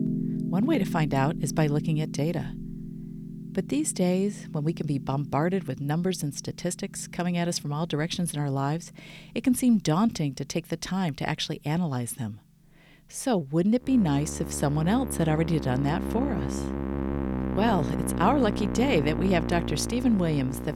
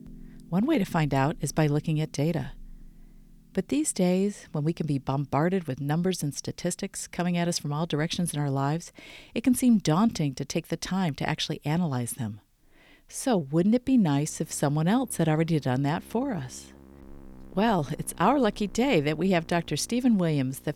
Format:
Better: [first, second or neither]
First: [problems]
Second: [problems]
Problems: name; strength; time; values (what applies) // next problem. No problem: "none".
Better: second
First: background music; loud; throughout; 6 dB below the speech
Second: background music; faint; throughout; 25 dB below the speech